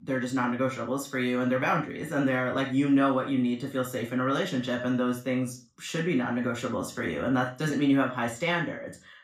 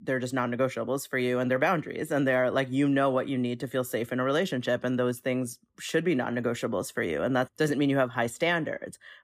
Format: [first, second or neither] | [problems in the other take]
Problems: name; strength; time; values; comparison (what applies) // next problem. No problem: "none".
second | room echo; slight; dies away in 0.3 s // off-mic speech; somewhat distant